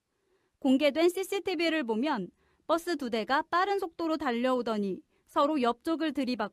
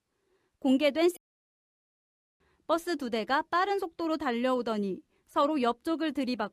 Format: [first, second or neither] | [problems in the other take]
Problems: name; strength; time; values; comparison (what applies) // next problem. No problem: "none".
first | audio cutting out; at 1 s for 1 s